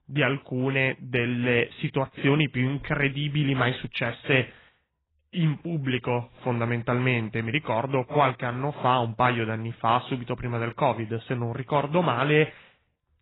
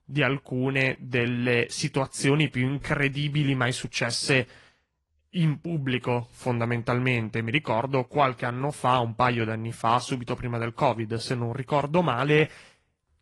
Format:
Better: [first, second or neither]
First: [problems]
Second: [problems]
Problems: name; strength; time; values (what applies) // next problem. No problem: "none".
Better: second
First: garbled, watery; badly; nothing above 4 kHz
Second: garbled, watery; slightly; nothing above 10.5 kHz